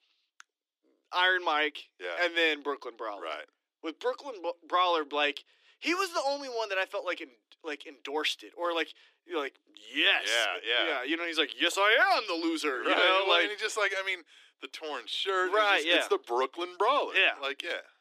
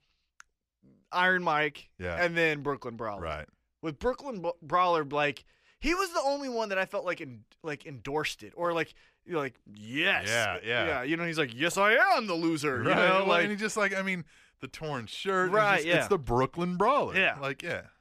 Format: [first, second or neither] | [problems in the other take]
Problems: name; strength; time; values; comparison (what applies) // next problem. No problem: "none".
second | thin; somewhat; fading below 300 Hz